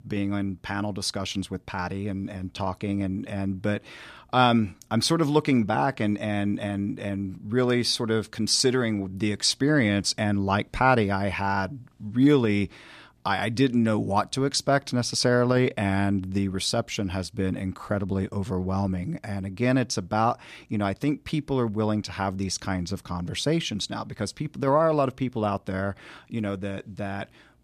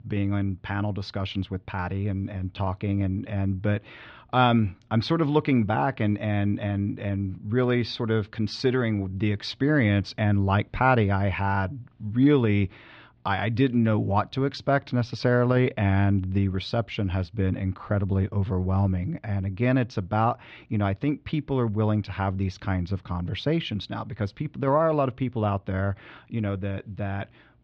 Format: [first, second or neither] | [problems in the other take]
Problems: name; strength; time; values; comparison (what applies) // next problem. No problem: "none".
first | muffled; slightly; fading above 3.5 kHz